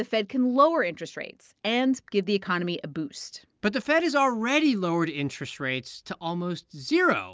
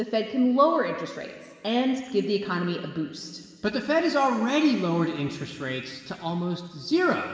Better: first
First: none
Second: room echo; dies away in 2.8 s

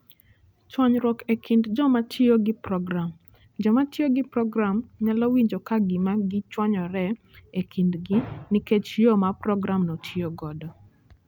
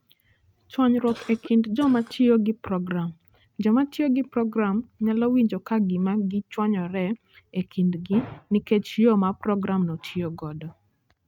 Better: first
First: none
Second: noise reduction (neural mask model RNNoise)

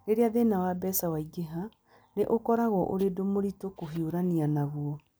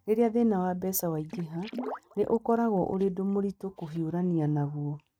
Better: first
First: none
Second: noise reduction (neural mask model RNNoise)

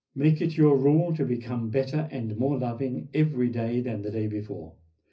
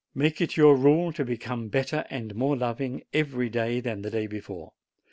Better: second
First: room echo; dies away in 0.4 s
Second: none

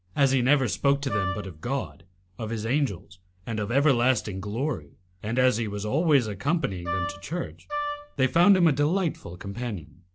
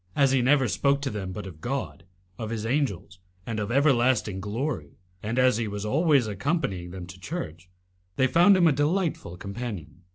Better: second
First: background sound (Wind instrument, woodwind instrument); 7 dB below the speech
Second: none

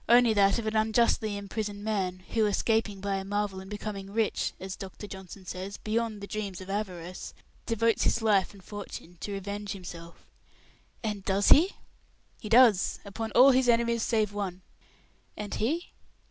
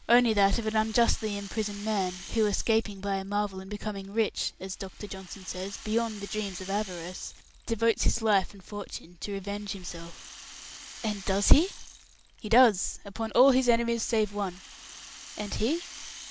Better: first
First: none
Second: background sound (Rattle); 19 dB below the speech

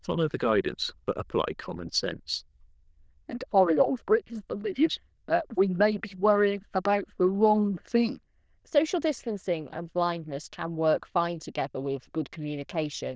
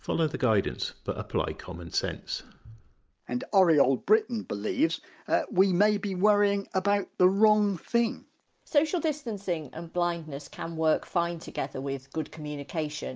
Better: second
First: noise reduction (neural diffusion model UNIVERSE++)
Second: none

